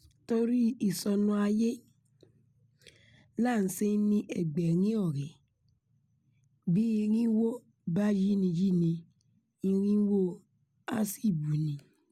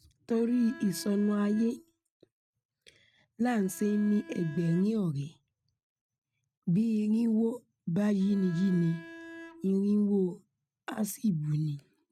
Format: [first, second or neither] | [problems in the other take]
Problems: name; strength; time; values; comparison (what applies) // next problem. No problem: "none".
first | noise reduction (neural mask model RNNoise)